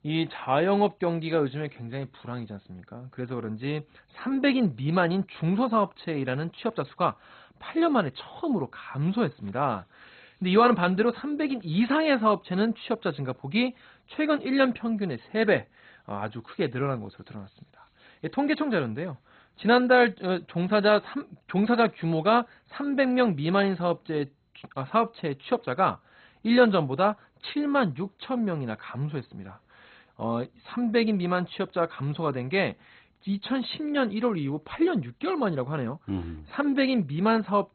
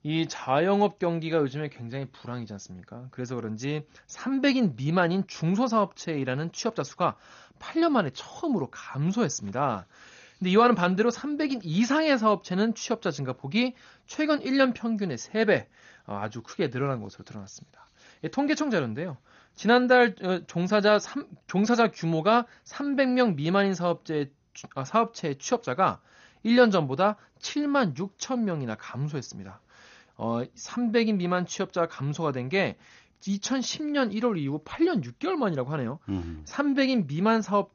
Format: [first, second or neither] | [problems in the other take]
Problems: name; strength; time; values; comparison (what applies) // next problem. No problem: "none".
second | garbled, watery; badly; nothing above 4 kHz; slightly in the second